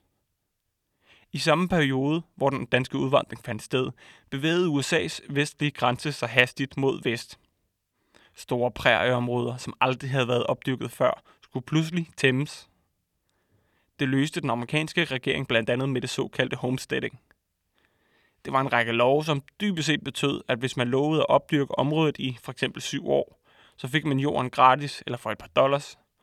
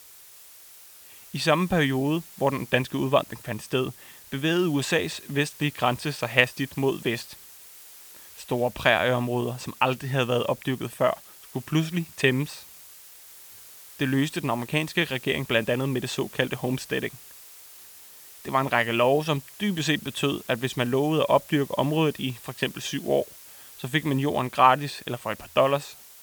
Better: first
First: none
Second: hiss; noticeable; throughout; 20 dB below the speech

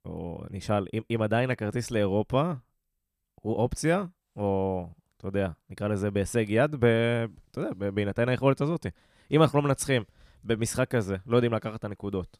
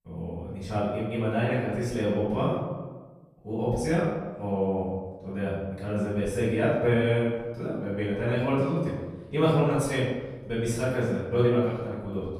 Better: first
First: none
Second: room echo; noticeable; dies away in 1.1 s // off-mic speech; far

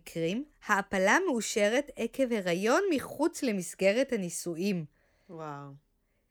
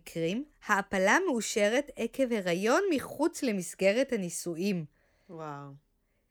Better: neither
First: none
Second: none

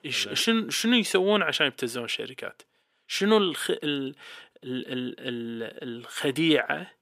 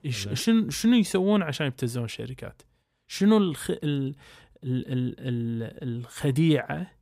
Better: second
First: thin; somewhat; fading below 350 Hz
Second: none

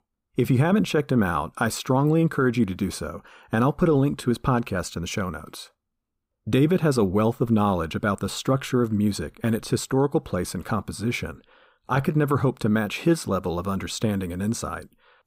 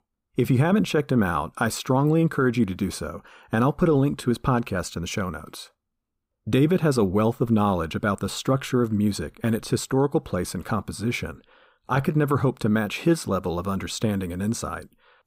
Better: neither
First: none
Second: none

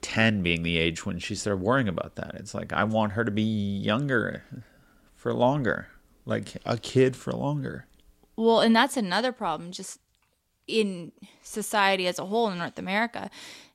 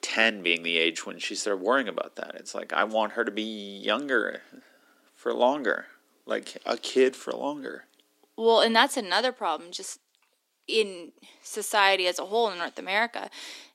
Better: first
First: none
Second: thin; somewhat; fading below 300 Hz

